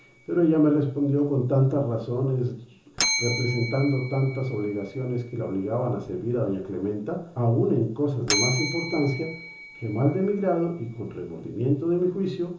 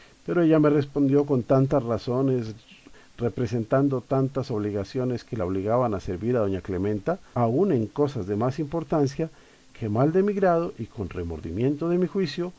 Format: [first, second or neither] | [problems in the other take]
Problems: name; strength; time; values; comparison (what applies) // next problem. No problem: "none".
second | background sound (Bell); 10 dB below the speech // room echo; dies away in 0.6 s